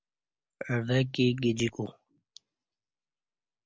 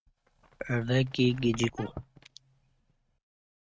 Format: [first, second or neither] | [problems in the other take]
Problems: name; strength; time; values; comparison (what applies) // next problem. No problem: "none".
first | noise reduction (neural mask model RNNoise)